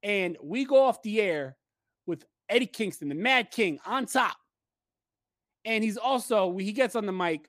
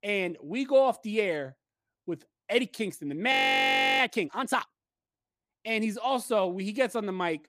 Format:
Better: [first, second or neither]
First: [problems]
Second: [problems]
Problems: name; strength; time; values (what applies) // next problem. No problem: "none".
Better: first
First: none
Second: audio freezing; at 3.5 s for 0.5 s